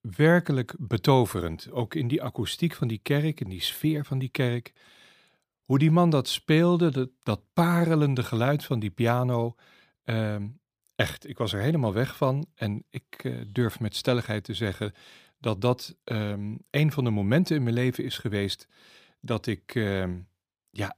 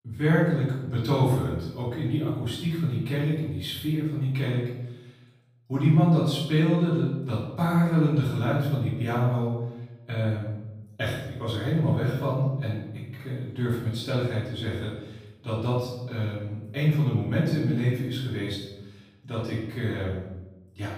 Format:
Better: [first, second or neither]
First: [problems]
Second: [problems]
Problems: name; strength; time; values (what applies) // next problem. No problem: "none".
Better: first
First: none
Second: off-mic speech; far // room echo; noticeable; dies away in 0.9 s